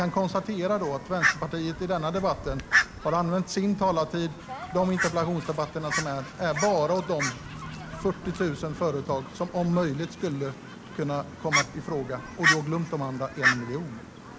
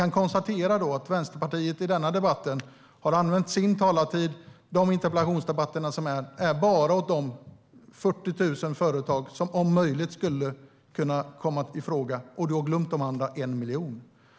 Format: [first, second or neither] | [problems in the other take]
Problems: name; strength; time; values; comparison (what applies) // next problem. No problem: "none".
second | background sound (Fowl); 4 dB below the speech